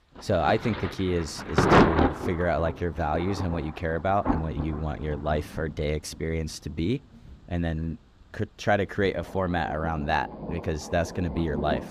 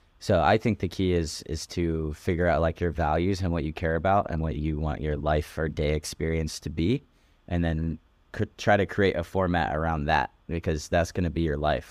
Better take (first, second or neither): second